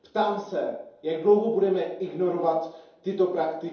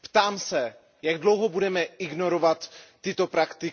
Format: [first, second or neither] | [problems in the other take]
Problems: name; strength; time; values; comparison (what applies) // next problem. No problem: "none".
second | room echo; dies away in 2.8 s